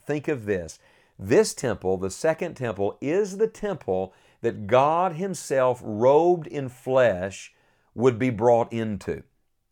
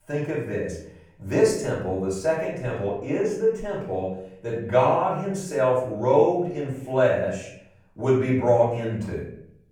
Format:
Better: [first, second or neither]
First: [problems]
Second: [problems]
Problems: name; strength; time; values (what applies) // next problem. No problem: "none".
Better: first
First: none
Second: off-mic speech; far // room echo; noticeable; dies away in 0.6 s